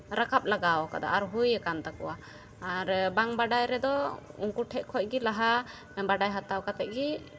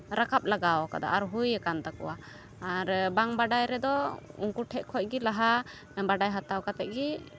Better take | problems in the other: second | room echo; dies away in 0.3 s

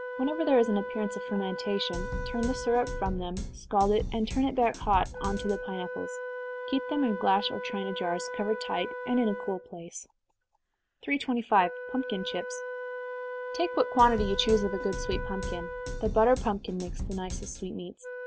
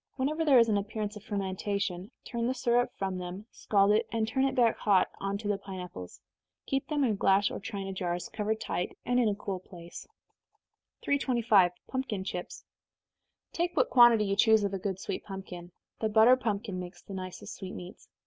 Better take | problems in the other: second | background sound (Wind instrument, woodwind instrument + Drum kit); 7 dB below the speech

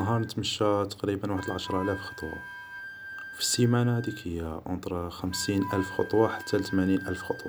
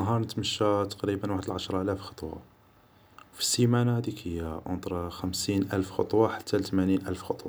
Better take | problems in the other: second | background sound (Wind instrument, woodwind instrument); 13 dB below the speech

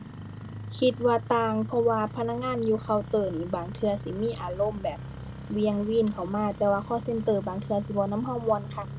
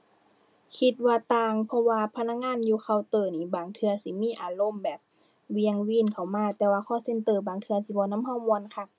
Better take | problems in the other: second | background sound (Engine starting); 11 dB below the speech

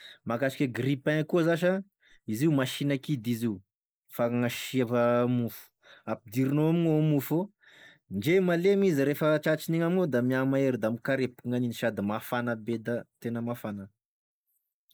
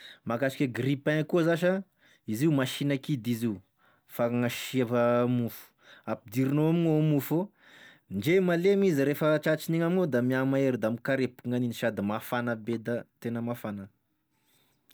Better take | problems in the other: second | noise reduction (neural mask model Resemble Enhance denoiser)

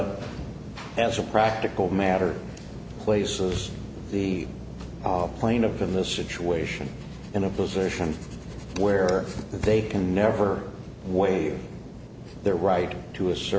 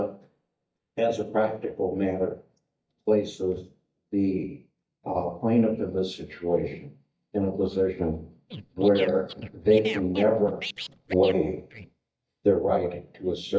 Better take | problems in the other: first | noise reduction (neural mask model DeepFilterNet 3)

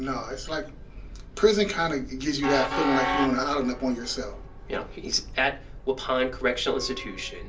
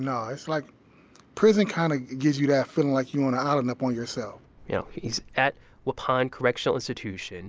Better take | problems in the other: second | background sound (Train); 7 dB below the speech // room echo; dies away in 0.3 s

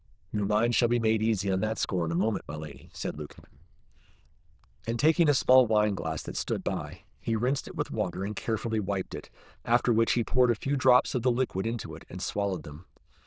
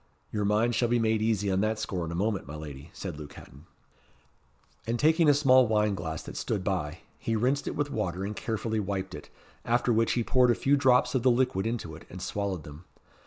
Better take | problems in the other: second | noise reduction (neural diffusion model UNIVERSE++)

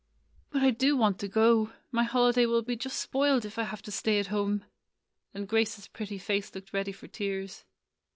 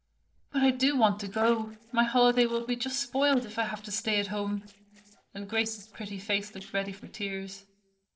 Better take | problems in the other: first | noise reduction (neural separator model SepFormer DNS4)

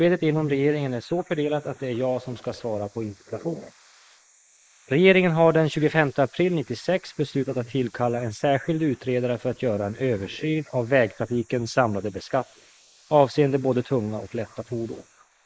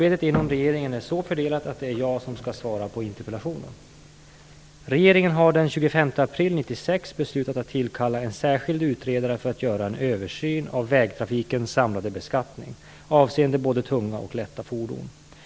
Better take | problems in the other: second | noise reduction (neural mask model Resemble Enhance denoiser)

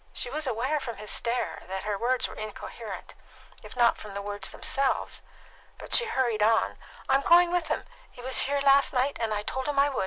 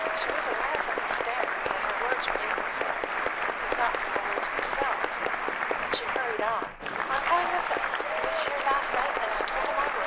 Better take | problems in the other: first | background sound (Applause / Cheering); 4 dB above the speech

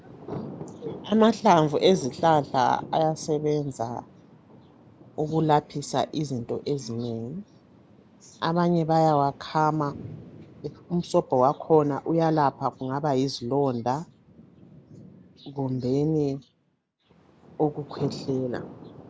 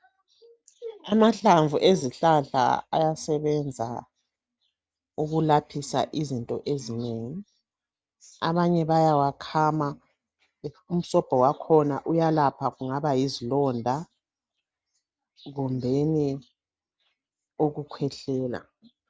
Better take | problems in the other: second | background sound (Thunder); 18 dB below the speech

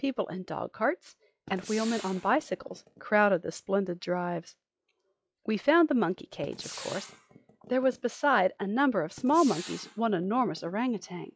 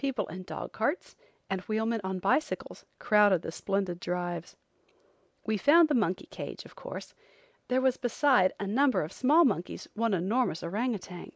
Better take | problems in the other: second | noise reduction (classical method log-MMSE)

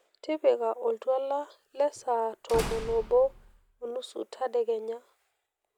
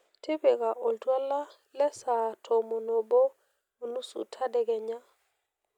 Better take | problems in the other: second | background sound (Slam / Wood); 11 dB below the speech

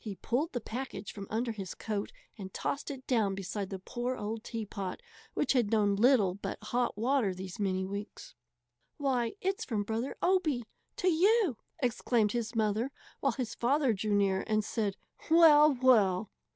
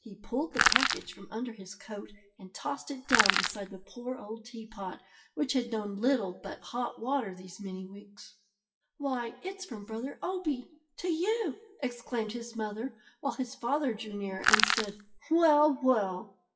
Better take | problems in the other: first | noise reduction (classical method WPE with log-MMSE)

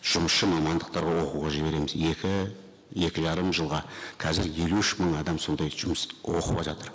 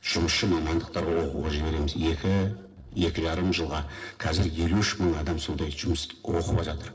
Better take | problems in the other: first | noise reduction (neural separator model SepFormer DNS4)

